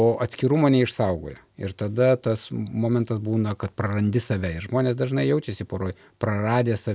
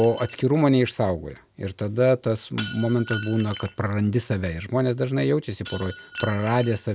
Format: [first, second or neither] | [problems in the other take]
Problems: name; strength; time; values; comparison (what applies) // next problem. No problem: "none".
first | background sound (Shatter); 18 dB below the speech